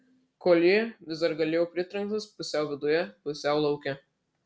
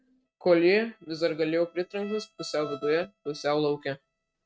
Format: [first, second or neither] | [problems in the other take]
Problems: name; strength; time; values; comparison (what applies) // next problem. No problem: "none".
first | noise reduction (neural mask model RNNoise)